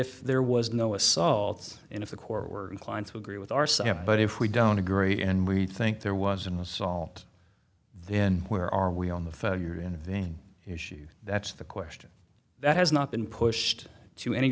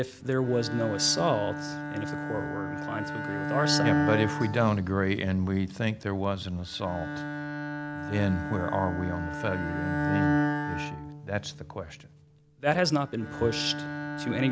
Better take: first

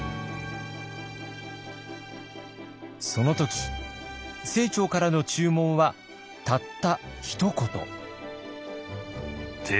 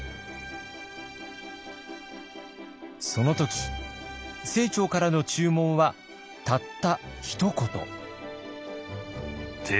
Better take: second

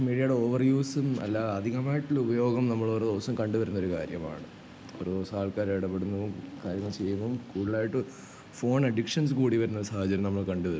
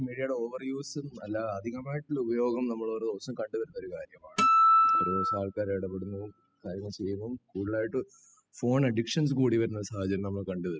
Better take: first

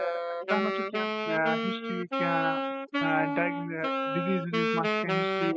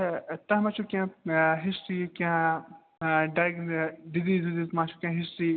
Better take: second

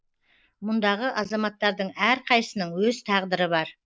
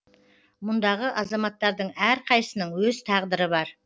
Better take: second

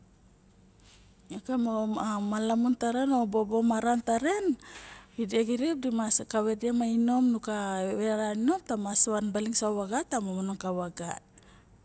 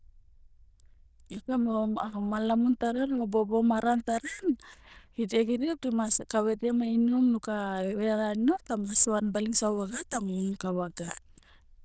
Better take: first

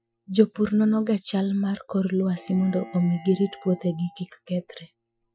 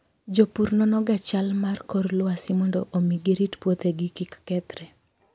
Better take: second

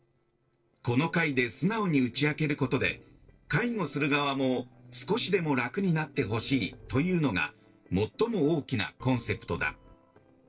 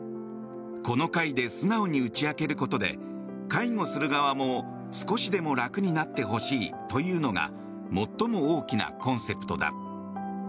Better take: second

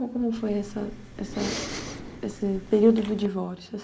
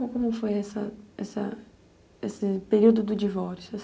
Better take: second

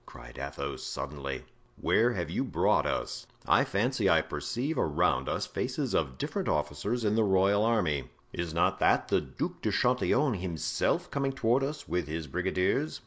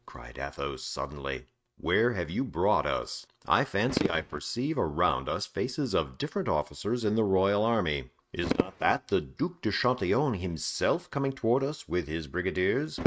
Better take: first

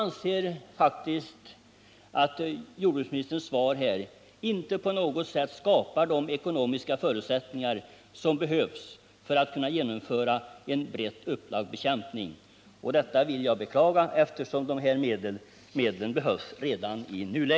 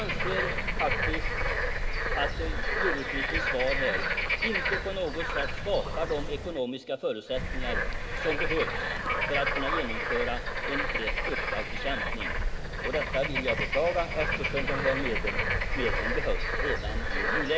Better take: first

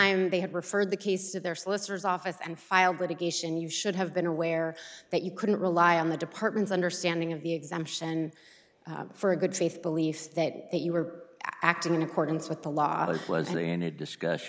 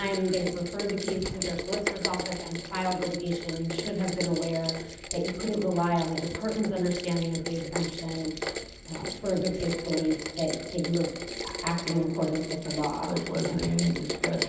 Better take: first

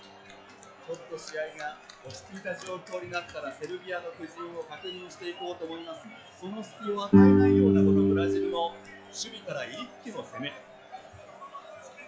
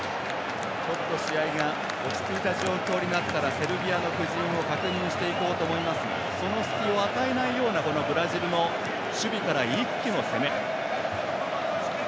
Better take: second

